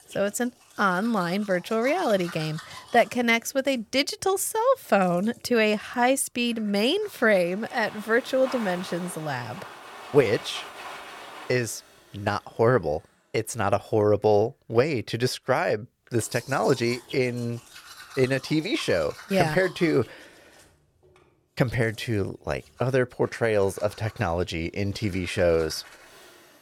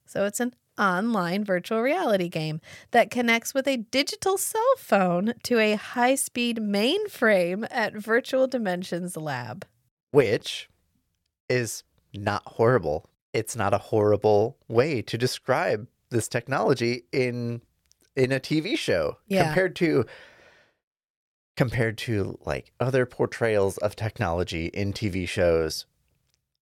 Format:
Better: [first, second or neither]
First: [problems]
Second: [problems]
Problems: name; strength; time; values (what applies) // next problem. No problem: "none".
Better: second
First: household noises; noticeable; throughout; 20 dB below the speech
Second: none